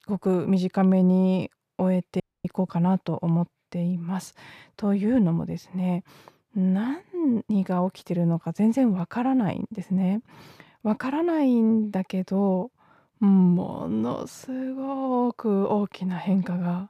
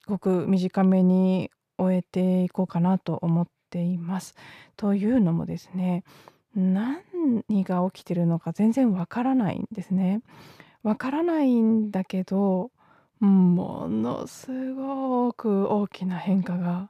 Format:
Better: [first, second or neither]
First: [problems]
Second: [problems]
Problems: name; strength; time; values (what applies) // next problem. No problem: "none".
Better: second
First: audio cutting out; at 2 s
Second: none